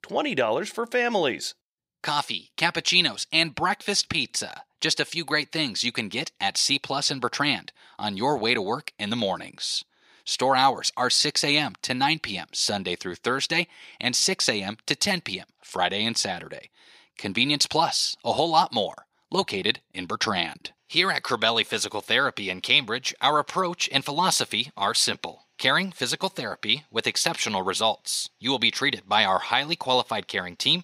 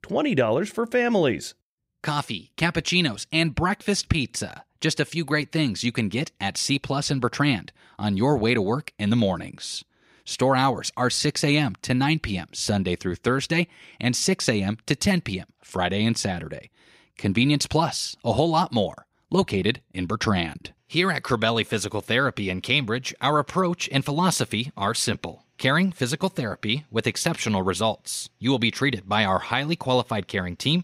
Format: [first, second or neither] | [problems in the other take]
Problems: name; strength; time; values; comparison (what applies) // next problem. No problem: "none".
second | thin; somewhat; fading below 1 kHz